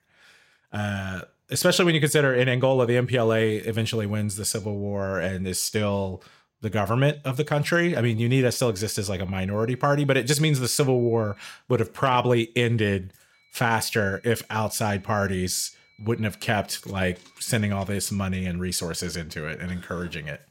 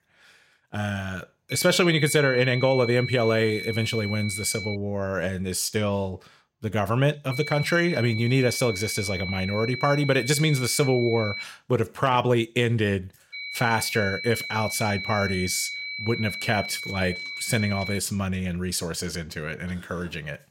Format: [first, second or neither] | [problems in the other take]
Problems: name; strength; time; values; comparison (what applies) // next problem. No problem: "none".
first | high-pitched whine; loud; from 1.5 to 5 s, from 7.5 to 11 s and from 13 to 18 s; 2.5 kHz, 7 dB below the speech; faint in the first